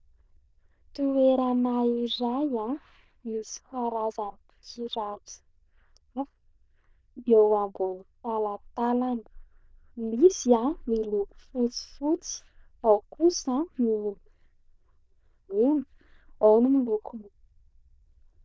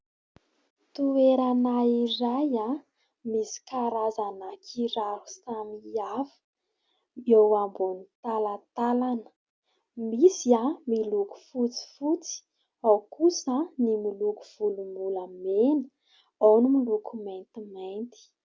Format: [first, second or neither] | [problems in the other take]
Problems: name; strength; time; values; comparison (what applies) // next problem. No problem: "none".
second | noise reduction (neural diffusion model UNIVERSE++)